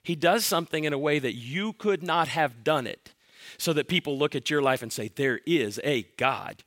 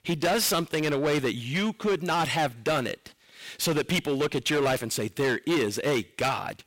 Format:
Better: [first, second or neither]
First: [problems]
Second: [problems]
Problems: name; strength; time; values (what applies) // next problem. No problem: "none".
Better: first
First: none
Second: distortion; heavy; 16% of the sound clipped